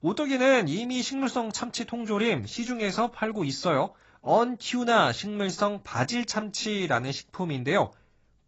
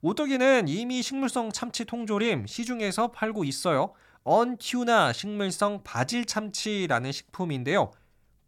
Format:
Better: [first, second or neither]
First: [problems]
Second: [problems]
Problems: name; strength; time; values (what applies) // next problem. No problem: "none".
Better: second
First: garbled, watery; badly; nothing above 7.5 kHz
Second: none